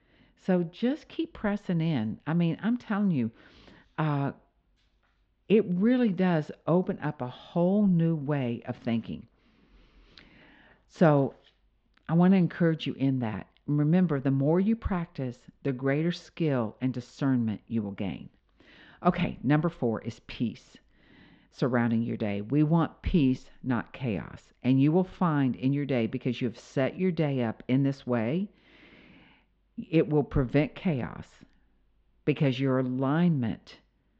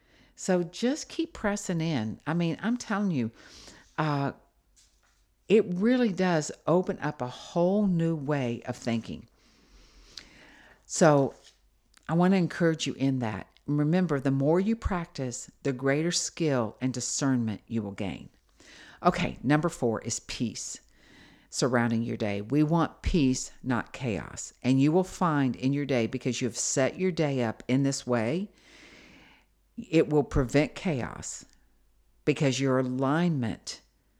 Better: second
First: muffled; very; fading above 3.5 kHz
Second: none

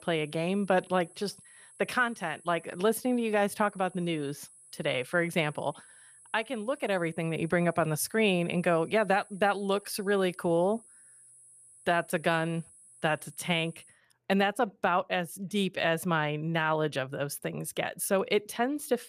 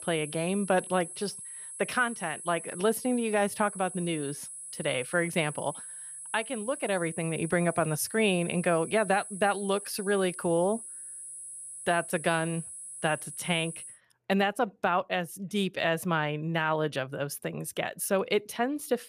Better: first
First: high-pitched whine; faint; until 14 s; 10.5 kHz, 25 dB below the speech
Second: high-pitched whine; loud; until 14 s; 10.5 kHz, 10 dB below the speech

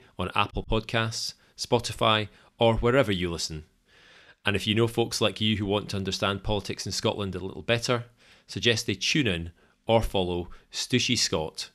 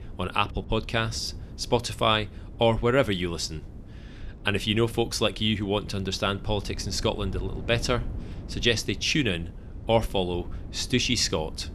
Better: first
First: none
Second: wind noise on the microphone; occasional gusts; 25 dB below the speech

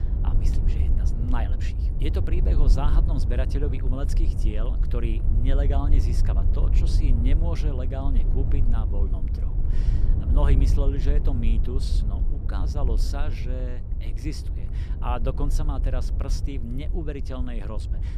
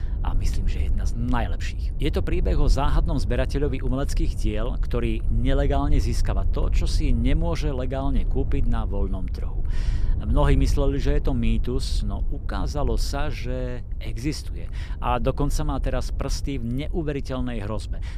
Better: second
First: wind noise on the microphone; heavy; 6 dB below the speech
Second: wind noise on the microphone; occasional gusts; 15 dB below the speech

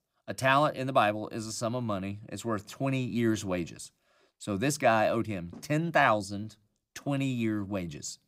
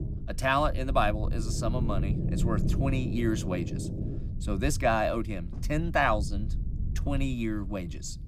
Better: first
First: none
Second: low rumble; noticeable; throughout; 15 dB below the speech

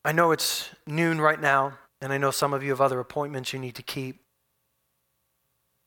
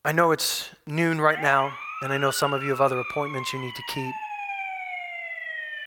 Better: first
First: none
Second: siren; noticeable; from 1.5 s on; peak 6 dB below the speech

